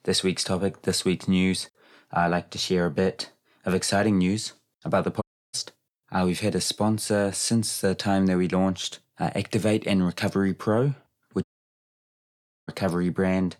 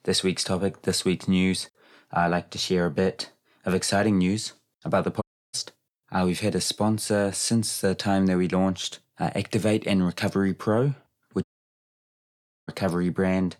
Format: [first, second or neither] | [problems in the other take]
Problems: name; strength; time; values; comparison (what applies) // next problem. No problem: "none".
neither | audio cutting out; at 5 s and at 11 s for 1 s; the same in both